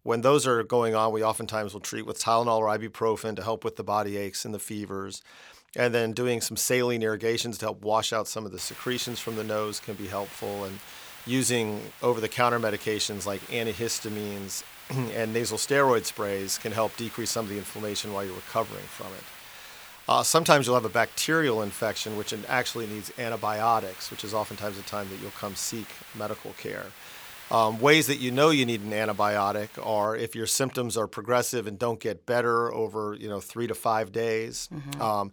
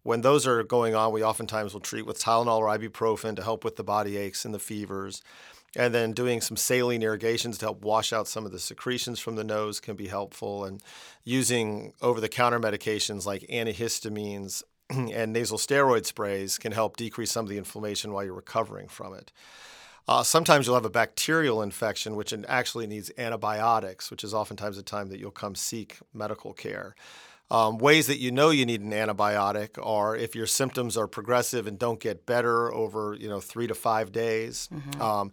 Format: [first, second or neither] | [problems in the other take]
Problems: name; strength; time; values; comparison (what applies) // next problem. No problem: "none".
second | hiss; noticeable; from 8.5 to 30 s; 15 dB below the speech